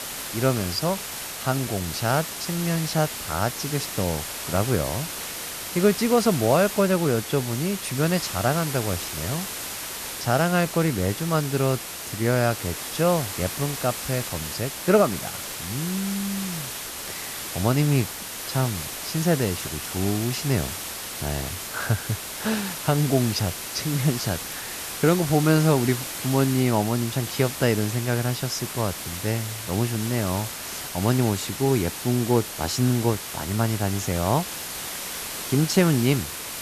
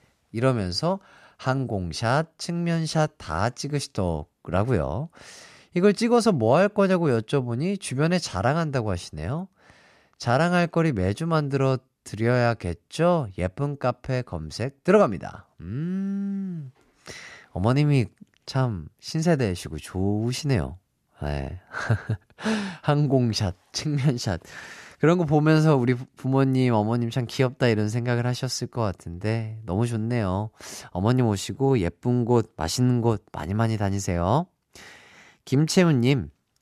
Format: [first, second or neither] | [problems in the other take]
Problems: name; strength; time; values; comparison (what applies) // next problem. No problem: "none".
second | hiss; loud; throughout; 6 dB below the speech